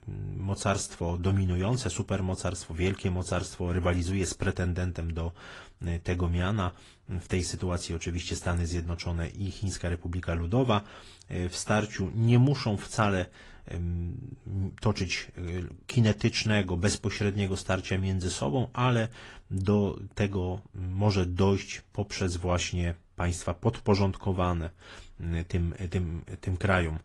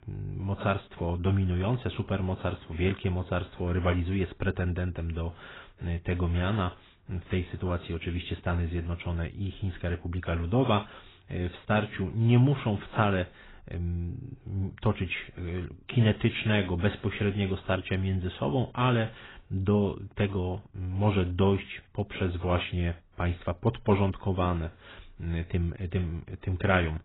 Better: first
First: garbled, watery; slightly; nothing above 10 kHz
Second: garbled, watery; badly; nothing above 4 kHz

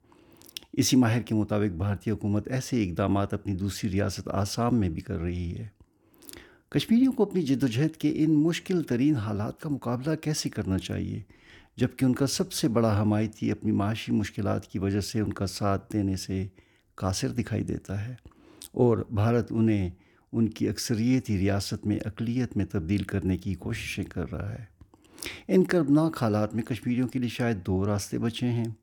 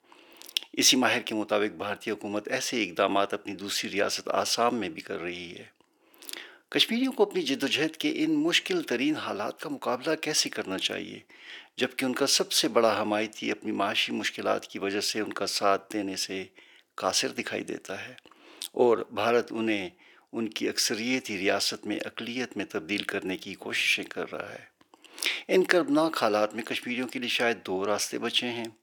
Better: first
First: none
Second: thin; somewhat; fading below 500 Hz

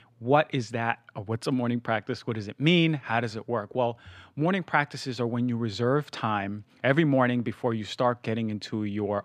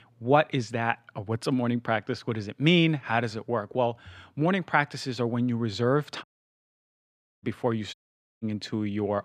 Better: first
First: none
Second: audio cutting out; at 6 s for 1 s and at 8 s

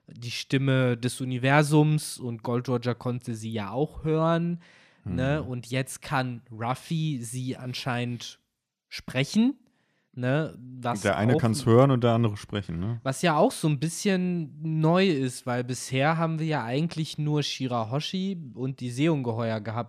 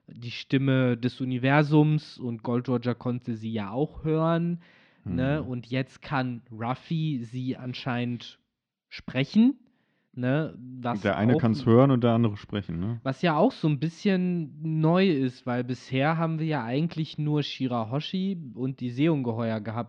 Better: first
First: none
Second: muffled; very slightly; fading above 4.5 kHz

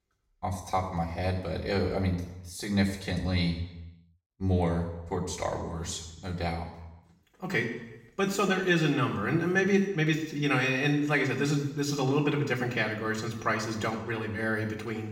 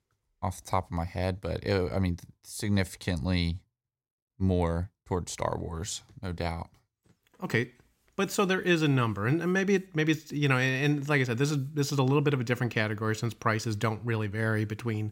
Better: second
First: room echo; slight; dies away in 0.8 s // off-mic speech; far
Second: none

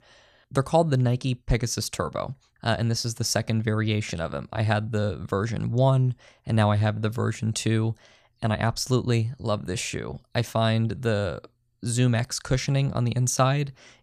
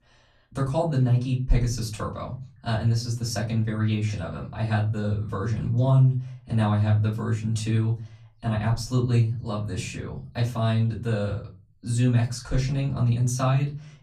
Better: first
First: none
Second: off-mic speech; far // room echo; very slight; dies away in 0.4 s

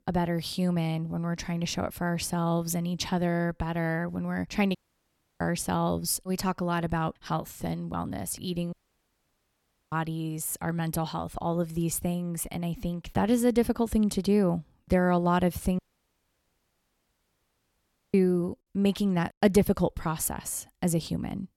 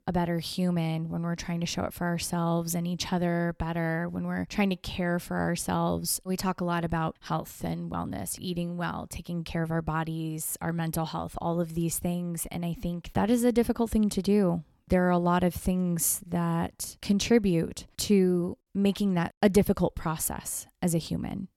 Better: second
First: audio cutting out; at 5 s for 0.5 s, at 8.5 s for 1 s and at 16 s for 2.5 s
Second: none

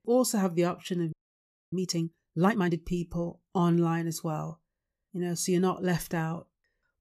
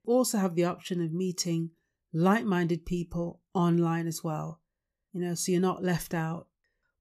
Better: second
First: audio freezing; at 1 s for 0.5 s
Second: none

